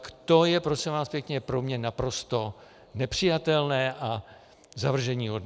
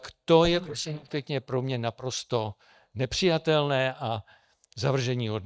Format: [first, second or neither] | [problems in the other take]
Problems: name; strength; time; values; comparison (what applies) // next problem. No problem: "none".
first | noise reduction (neural mask model DeepFilterNet 3)